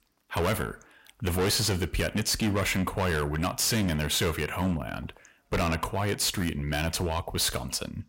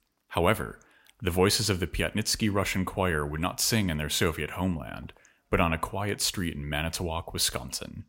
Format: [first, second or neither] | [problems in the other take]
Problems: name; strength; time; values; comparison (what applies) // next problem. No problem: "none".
second | distortion; heavy; 15% of the sound clipped